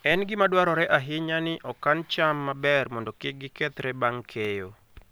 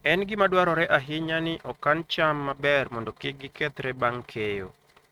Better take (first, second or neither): first